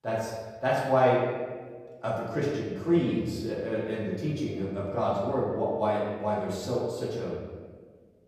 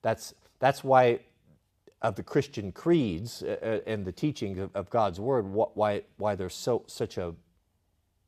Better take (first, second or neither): second